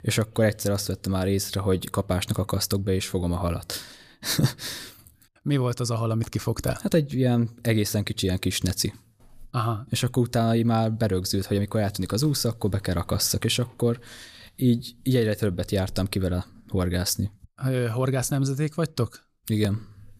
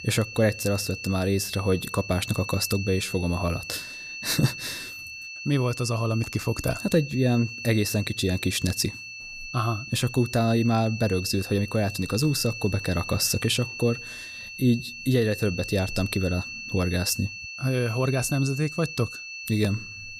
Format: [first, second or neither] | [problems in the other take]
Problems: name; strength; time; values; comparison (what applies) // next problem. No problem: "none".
first | high-pitched whine; loud; throughout; 2.5 kHz, 9 dB below the speech